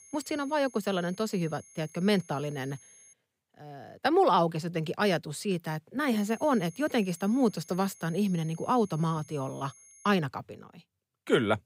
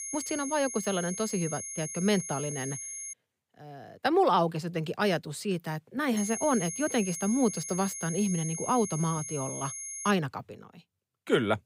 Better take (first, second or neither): first